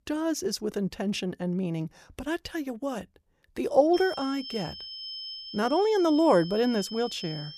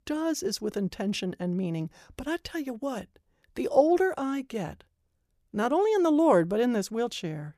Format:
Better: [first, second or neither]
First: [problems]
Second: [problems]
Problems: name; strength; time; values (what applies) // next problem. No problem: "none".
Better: second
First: high-pitched whine; noticeable; from 4 s on; 5 kHz, 10 dB below the speech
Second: none